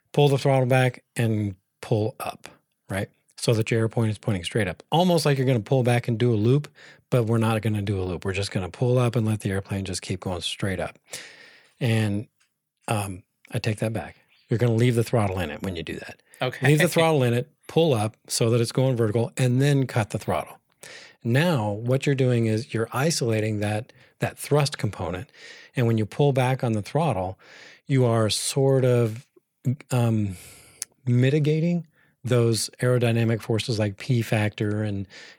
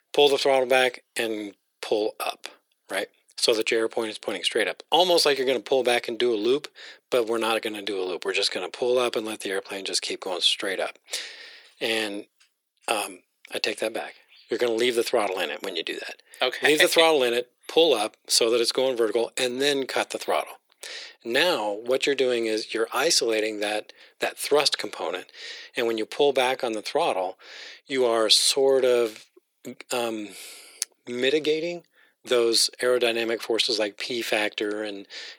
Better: first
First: none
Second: thin; very; fading below 350 Hz

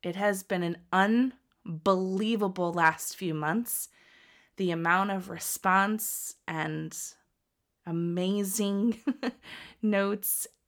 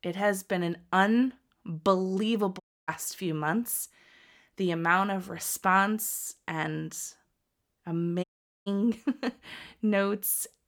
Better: first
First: none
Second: audio cutting out; at 2.5 s and at 8 s

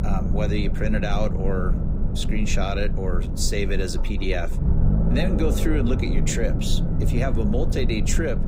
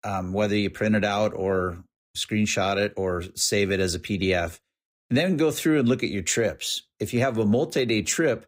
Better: second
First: low rumble; loud; throughout; 6 dB below the speech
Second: none

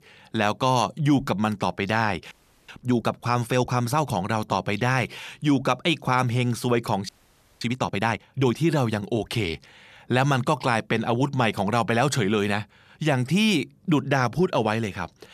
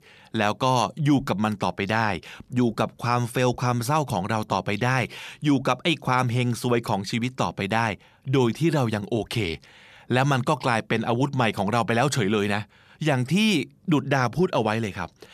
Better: second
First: audio freezing; at 2.5 s and at 7 s for 0.5 s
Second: none

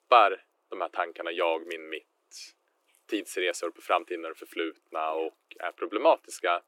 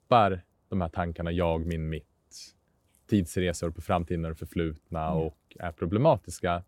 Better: second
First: thin; very; fading below 350 Hz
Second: none

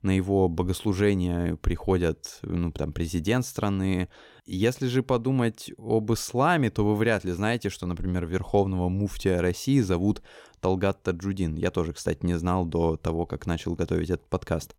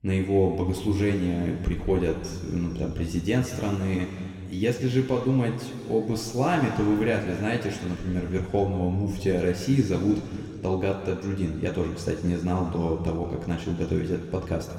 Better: first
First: none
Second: room echo; noticeable; dies away in 2.3 s // off-mic speech; somewhat distant

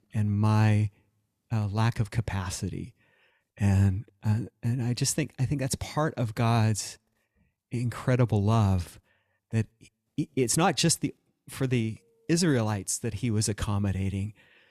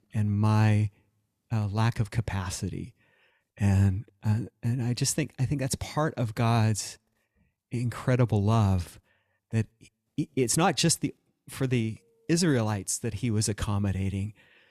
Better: neither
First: none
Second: none

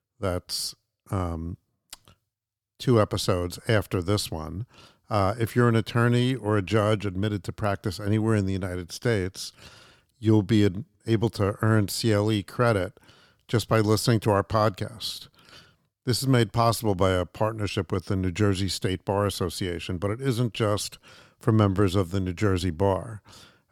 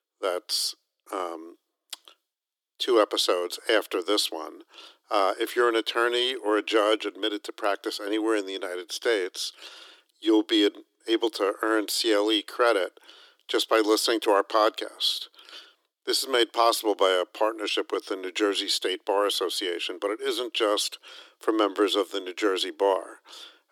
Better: first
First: none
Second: thin; very; fading below 300 Hz

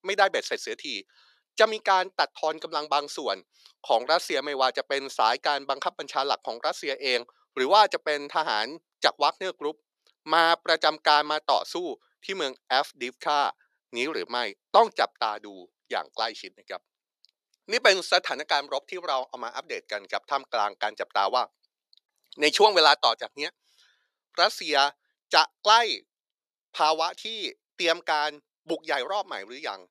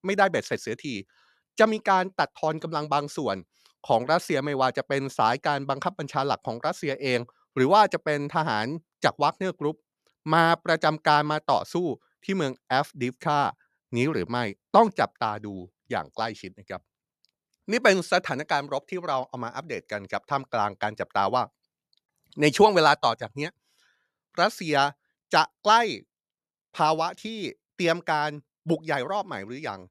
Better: second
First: thin; somewhat; fading below 400 Hz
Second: none

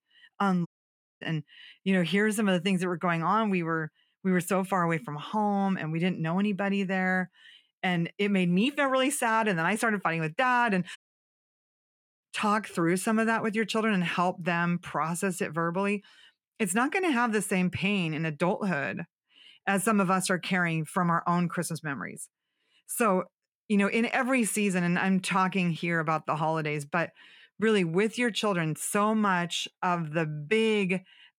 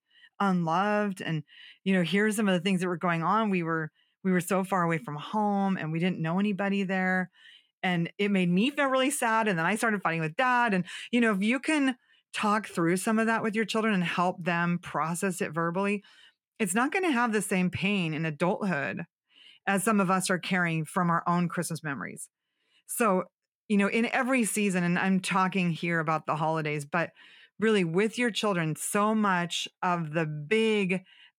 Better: second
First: audio cutting out; at 0.5 s for 0.5 s and at 11 s for 1.5 s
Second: none

